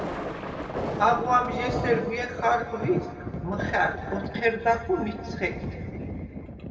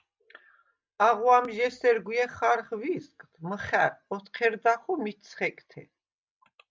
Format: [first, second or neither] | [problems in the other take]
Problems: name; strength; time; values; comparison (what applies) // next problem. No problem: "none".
second | background sound (Thunder); 5 dB below the speech // room echo; dies away in 2.2 s